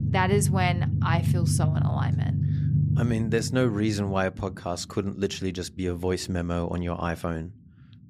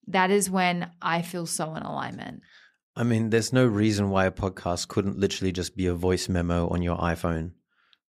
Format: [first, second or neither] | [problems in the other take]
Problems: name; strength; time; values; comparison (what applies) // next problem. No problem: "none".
second | low rumble; loud; throughout; 7 dB below the speech